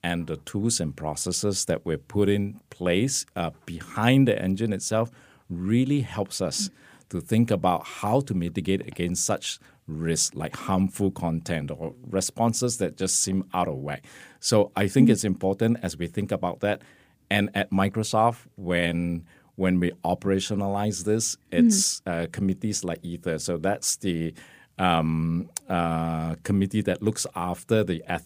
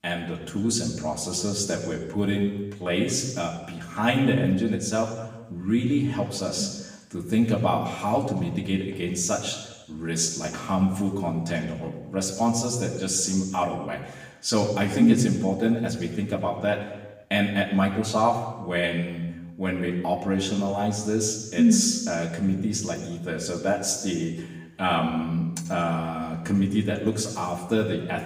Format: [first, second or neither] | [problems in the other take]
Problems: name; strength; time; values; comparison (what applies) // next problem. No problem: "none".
first | room echo; slight; dies away in 1 s // off-mic speech; far